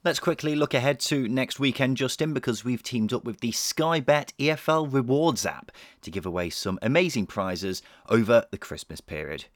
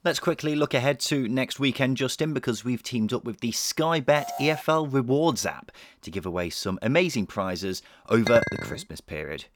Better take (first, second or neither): first